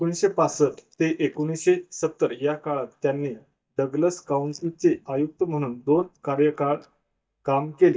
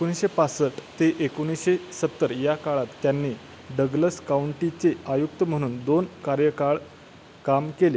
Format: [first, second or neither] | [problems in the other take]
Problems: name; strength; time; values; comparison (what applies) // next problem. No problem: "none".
second | noise reduction (neural mask model DeepFilterNet 3)